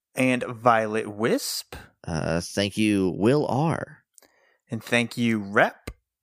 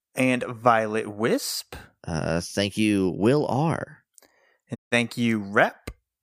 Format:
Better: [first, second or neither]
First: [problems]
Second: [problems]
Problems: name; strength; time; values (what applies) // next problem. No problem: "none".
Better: first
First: none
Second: audio cutting out; at 5 s